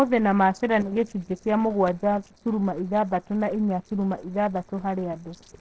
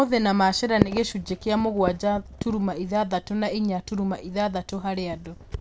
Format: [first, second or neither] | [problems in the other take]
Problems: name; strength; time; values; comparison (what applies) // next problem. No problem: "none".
second | noise reduction (neural separator model SepFormer DNS4)